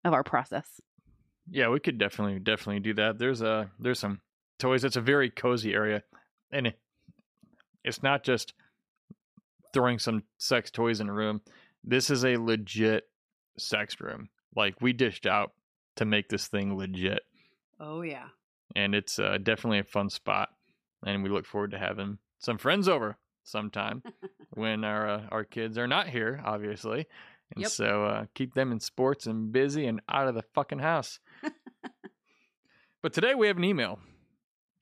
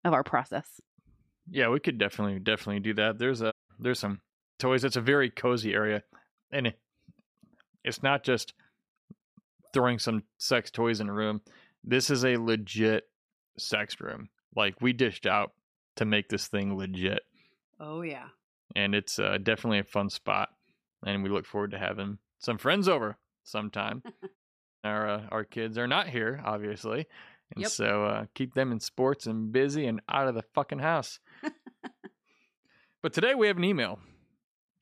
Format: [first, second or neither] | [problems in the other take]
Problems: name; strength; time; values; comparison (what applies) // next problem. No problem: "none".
first | audio cutting out; at 3.5 s and at 24 s